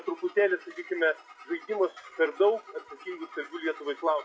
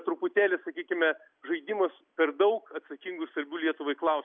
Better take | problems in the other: second | noise reduction (classical method WPE with log-MMSE)

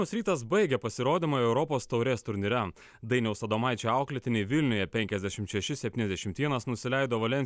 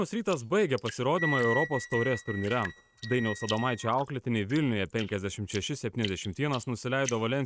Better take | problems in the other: first | noise reduction (neural mask model RNNoise)

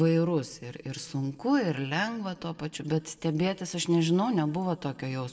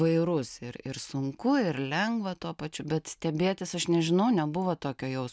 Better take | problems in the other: second | room echo; dies away in 2 s

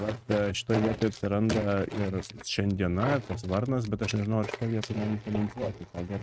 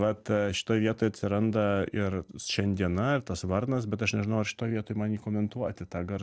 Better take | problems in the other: second | noise reduction (neural mask model RNNoise)

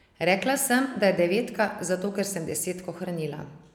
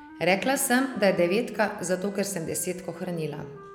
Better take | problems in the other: first | background sound (Wind instrument, woodwind instrument); 18 dB below the speech

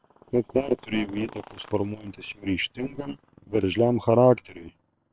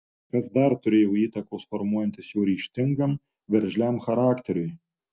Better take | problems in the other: second | noise reduction (neural separator model SepFormer WHAM!)

